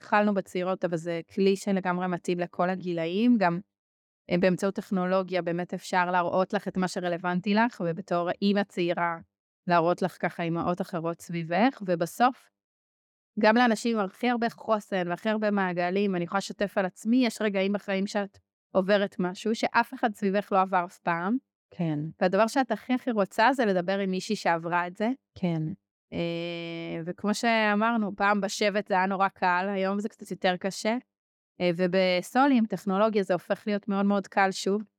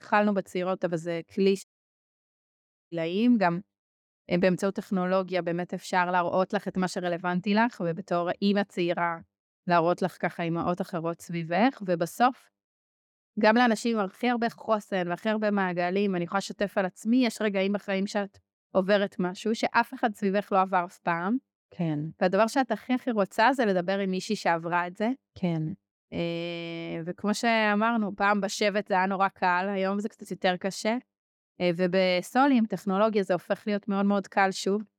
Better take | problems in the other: first | audio cutting out; at 1.5 s for 1.5 s

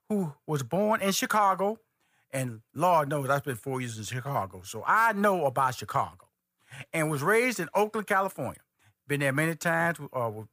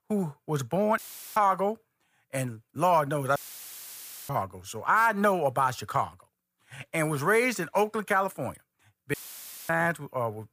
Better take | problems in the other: first | audio cutting out; filled with static; at 1 s, at 3.5 s for 1 s and at 9 s for 0.5 s

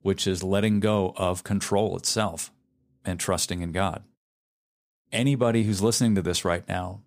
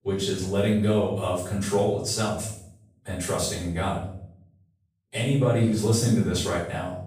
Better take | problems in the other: first | off-mic speech; far // room echo; noticeable; dies away in 0.7 s

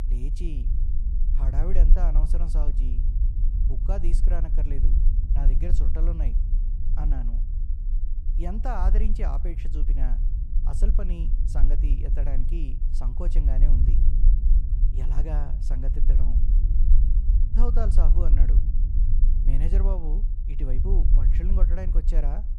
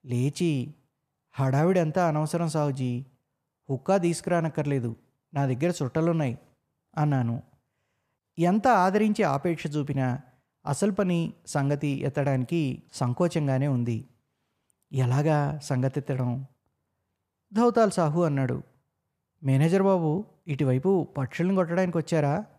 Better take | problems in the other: second | low rumble; loud; throughout; 6 dB below the speech

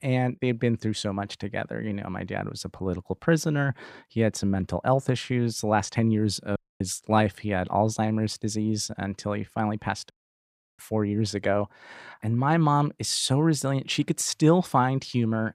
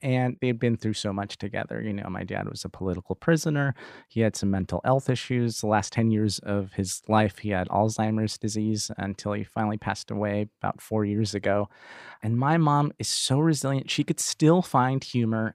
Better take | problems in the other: second | audio cutting out; at 6.5 s and at 10 s for 0.5 s

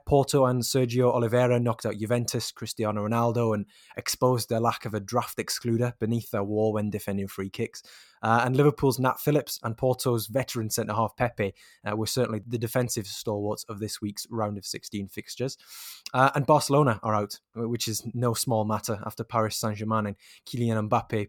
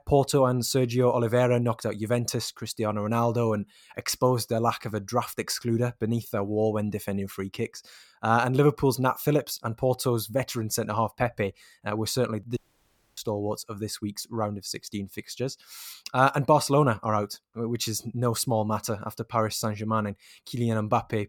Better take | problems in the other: first | audio cutting out; at 13 s for 0.5 s

